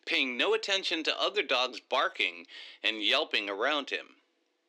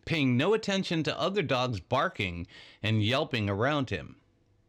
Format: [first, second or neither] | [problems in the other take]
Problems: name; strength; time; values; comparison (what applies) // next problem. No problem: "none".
second | thin; somewhat; fading below 300 Hz